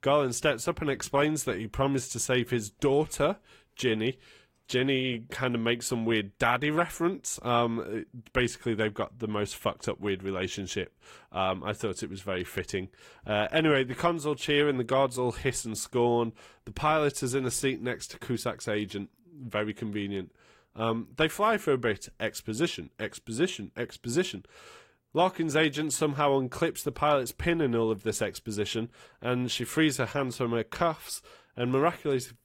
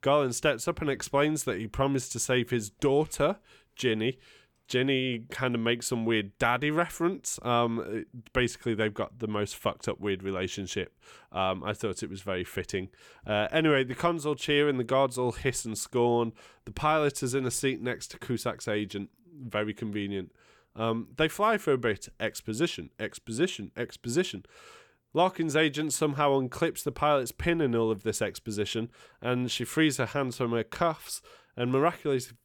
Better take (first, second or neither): second